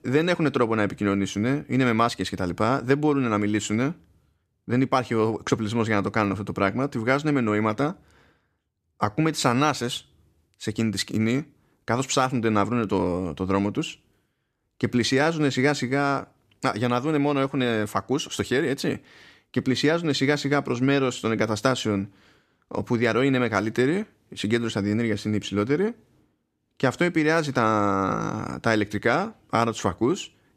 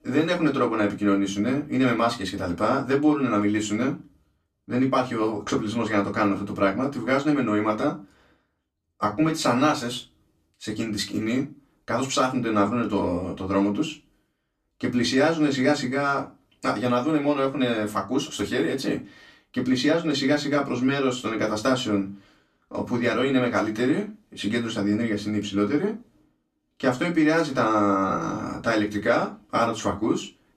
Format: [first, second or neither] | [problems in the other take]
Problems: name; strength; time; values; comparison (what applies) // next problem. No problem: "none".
first | off-mic speech; far // room echo; very slight; dies away in 0.2 s